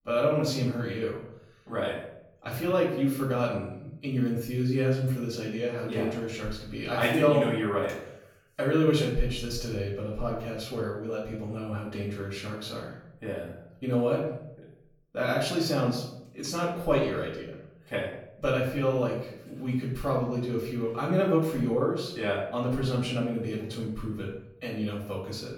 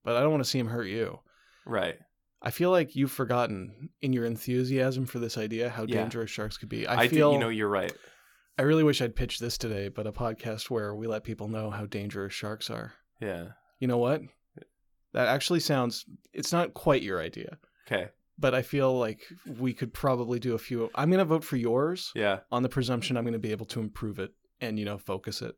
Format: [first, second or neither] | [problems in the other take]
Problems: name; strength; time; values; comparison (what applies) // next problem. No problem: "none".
second | off-mic speech; far // room echo; noticeable; dies away in 0.7 s